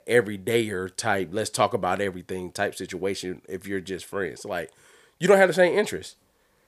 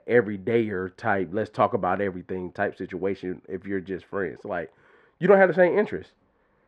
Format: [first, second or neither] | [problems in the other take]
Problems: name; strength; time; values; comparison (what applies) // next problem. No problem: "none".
first | muffled; very; fading above 1.5 kHz